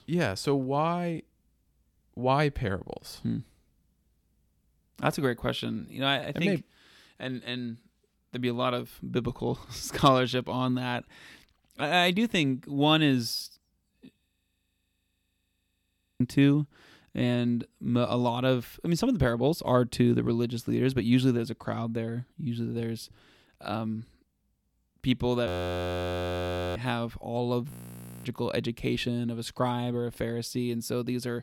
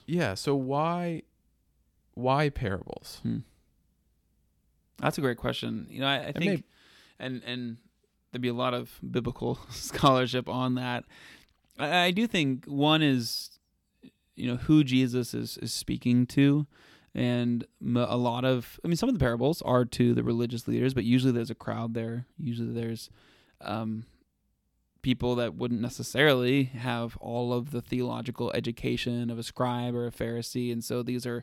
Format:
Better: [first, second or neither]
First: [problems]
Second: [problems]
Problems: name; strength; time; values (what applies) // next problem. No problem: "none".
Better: second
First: audio freezing; at 14 s for 2 s, at 25 s for 1.5 s and at 28 s for 0.5 s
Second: none